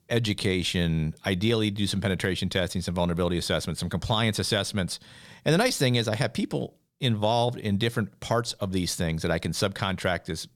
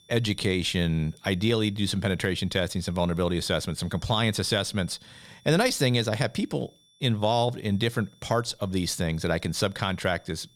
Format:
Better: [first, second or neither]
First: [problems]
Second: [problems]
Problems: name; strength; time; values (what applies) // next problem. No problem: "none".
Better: first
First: none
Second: high-pitched whine; faint; throughout; 3.5 kHz, 30 dB below the speech